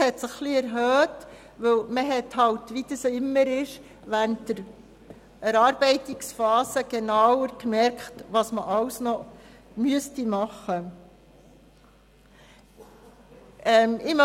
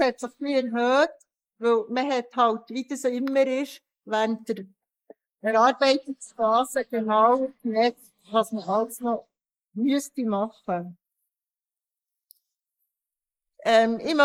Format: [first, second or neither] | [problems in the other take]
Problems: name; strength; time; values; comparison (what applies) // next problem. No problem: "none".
first | noise reduction (neural mask model Resemble Enhance denoiser)